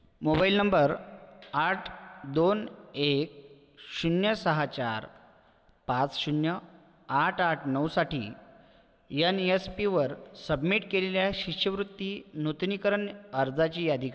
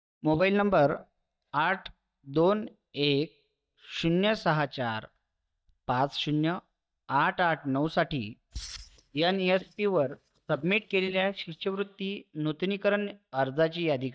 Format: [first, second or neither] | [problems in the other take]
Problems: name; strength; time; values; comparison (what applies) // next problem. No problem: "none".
first | noise reduction (neural mask model DeepFilterNet 3)